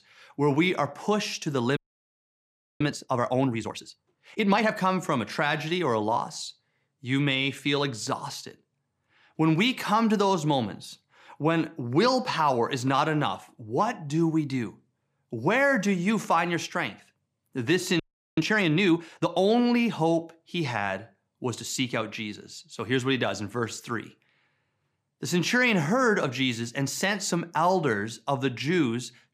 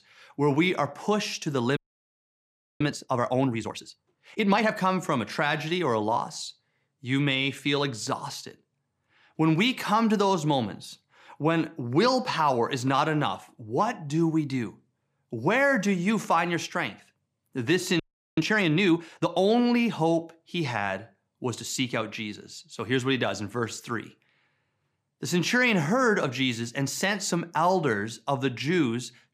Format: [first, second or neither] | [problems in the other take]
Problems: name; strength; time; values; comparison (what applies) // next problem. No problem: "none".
neither | audio freezing; at 2 s for 1 s and at 18 s; the same in both